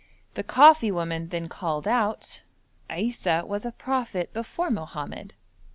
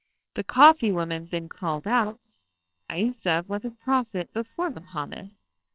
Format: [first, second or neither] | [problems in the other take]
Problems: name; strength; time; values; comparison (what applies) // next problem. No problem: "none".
first | noise reduction (neural separator model SepFormer WHAMR!)